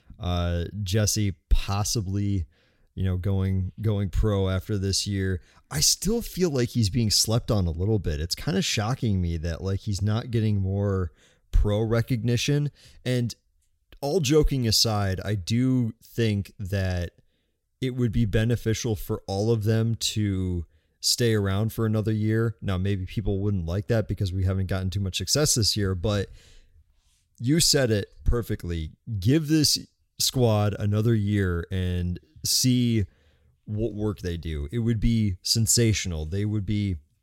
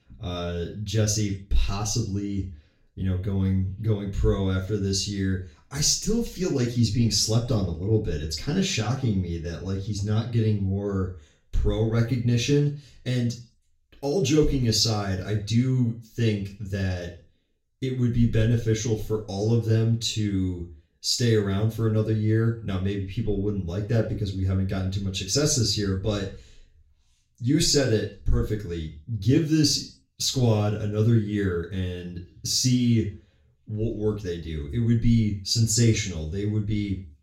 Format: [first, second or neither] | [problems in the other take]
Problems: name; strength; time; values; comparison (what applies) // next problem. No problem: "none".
first | room echo; slight; dies away in 0.4 s // off-mic speech; far